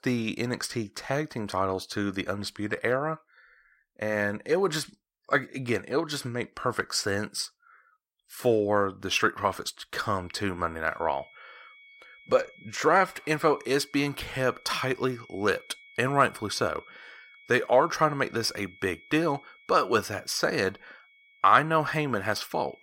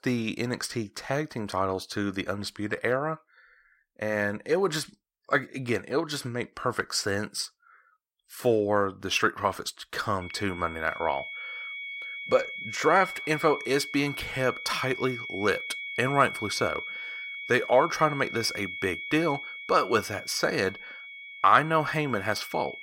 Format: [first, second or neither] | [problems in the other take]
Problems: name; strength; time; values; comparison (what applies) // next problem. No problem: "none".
first | high-pitched whine; loud; from 10 s on; 2 kHz, 9 dB below the speech; faint in the first